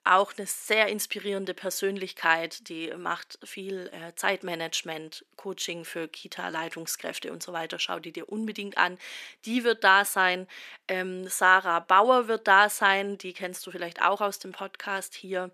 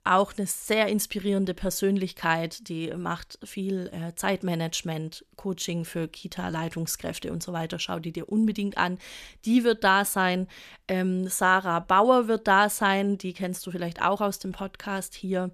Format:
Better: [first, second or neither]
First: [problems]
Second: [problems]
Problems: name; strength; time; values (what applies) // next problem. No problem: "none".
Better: second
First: thin; somewhat; fading below 300 Hz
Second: none